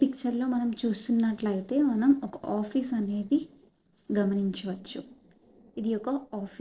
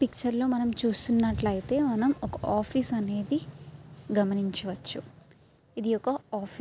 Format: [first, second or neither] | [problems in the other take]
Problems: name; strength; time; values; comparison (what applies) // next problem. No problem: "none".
second | noise reduction (neural separator model SepFormer DNS4)